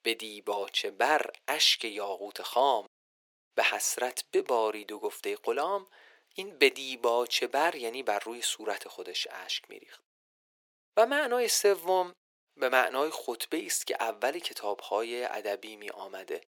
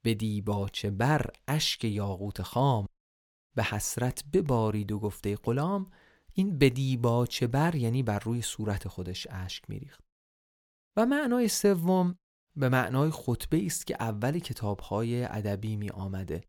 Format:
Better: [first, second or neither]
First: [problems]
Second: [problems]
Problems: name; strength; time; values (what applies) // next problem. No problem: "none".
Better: second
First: thin; very; fading below 400 Hz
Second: none